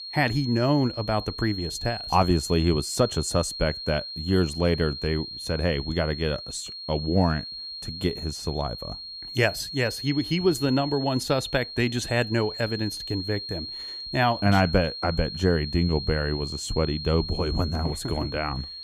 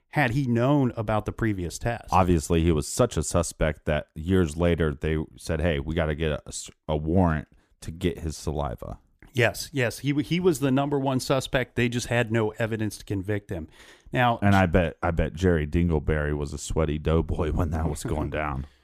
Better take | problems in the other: second | high-pitched whine; loud; throughout; 4 kHz, 8 dB below the speech

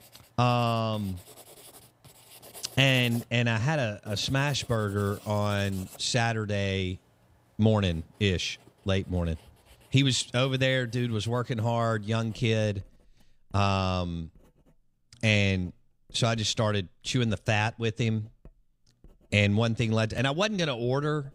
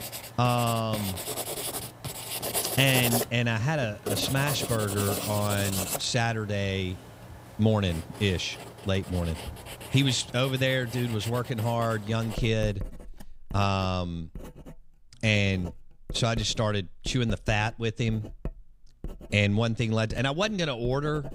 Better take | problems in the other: first | household noises; loud; throughout; 8 dB below the speech; faint in the first

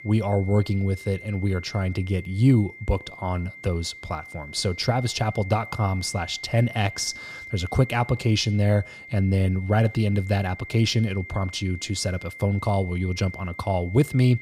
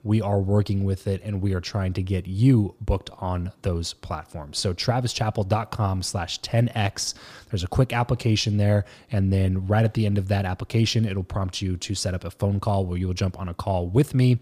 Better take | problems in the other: second | high-pitched whine; noticeable; throughout; 2 kHz, 15 dB below the speech

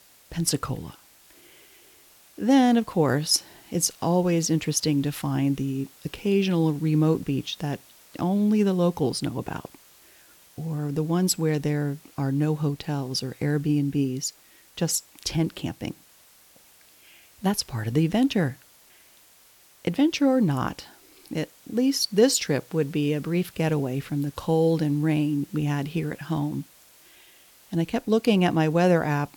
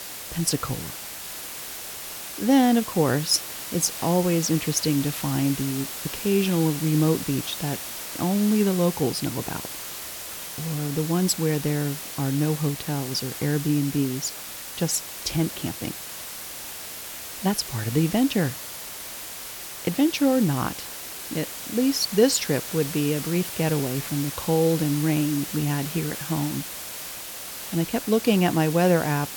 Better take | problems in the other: first | hiss; loud; throughout; 8 dB below the speech; faint in the first

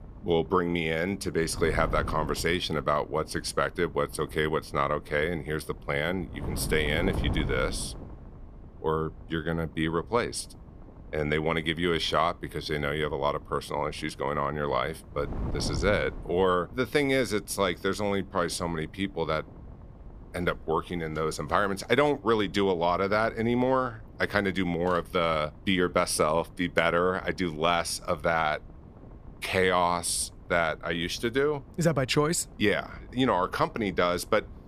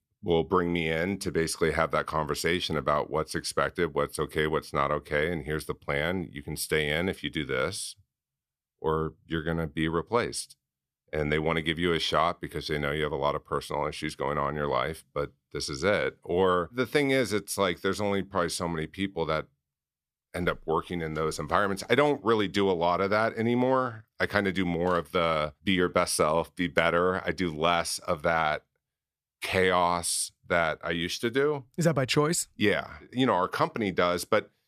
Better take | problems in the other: second | wind noise on the microphone; occasional gusts; 20 dB below the speech

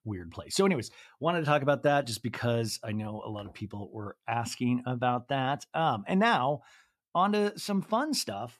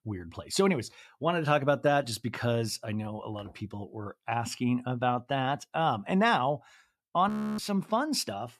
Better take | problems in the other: first | audio freezing; at 7.5 s

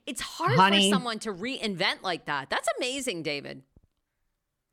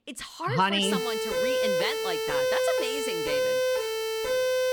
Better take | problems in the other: first | siren; loud; from 1 s on; peak 5 dB above the speech

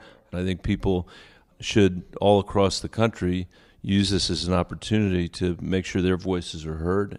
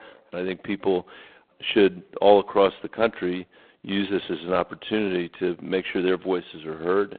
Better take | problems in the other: first | phone-call audio; poor line

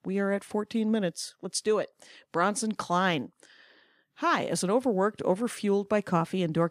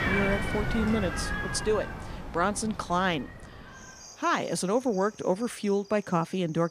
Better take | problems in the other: first | animal sounds; loud; throughout; 6 dB below the speech

